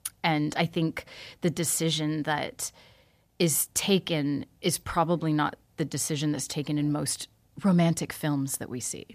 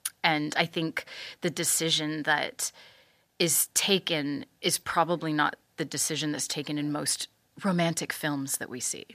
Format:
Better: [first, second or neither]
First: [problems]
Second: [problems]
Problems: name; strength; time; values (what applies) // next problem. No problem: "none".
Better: first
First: none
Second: thin; very slightly; fading below 700 Hz